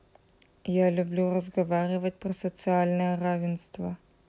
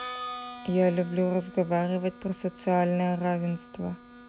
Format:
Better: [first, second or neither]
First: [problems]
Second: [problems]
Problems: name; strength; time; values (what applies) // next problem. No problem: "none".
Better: first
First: none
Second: background sound (Harmonica); 15 dB below the speech